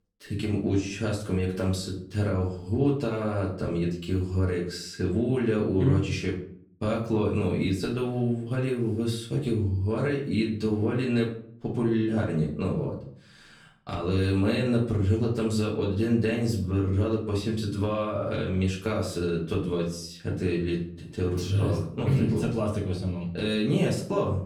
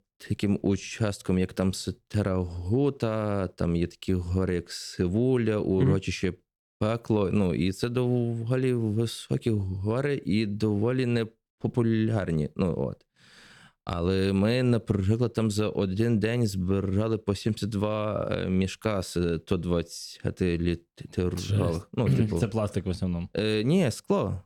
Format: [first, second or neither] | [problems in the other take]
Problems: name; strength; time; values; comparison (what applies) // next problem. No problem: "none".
second | off-mic speech; far // room echo; slight; dies away in 0.4 s